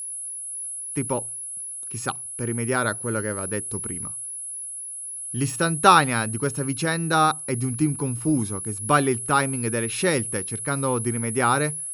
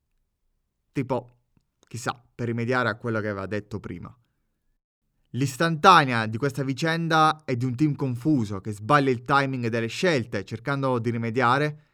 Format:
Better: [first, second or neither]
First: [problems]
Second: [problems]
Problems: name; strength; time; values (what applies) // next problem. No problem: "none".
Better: second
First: high-pitched whine; loud; throughout; 10.5 kHz, 6 dB below the speech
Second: none